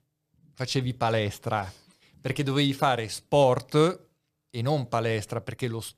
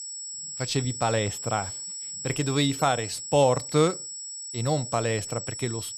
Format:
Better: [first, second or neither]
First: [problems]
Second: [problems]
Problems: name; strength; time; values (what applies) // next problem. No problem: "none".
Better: first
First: none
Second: high-pitched whine; loud; throughout; 8 kHz, 7 dB below the speech